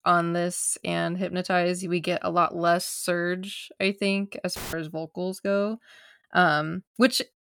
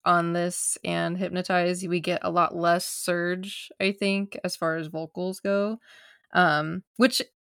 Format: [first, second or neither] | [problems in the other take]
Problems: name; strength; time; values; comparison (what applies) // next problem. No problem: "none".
second | audio cutting out; filled with static; at 4.5 s